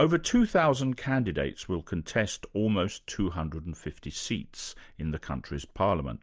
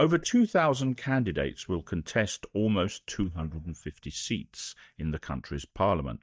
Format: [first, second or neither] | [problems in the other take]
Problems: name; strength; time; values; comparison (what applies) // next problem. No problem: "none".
first | noise reduction (neural mask model DeepFilterNet 3)